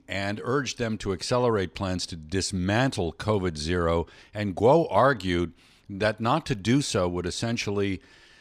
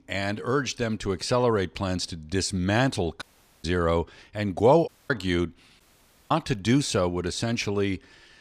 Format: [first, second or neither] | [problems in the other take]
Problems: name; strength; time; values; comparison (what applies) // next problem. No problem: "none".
first | audio cutting out; at 3 s, at 5 s and at 6 s for 0.5 s